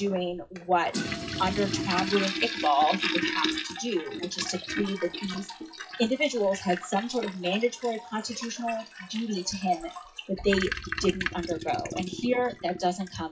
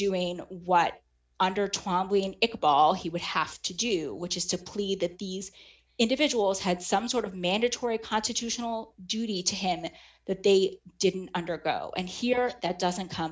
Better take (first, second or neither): second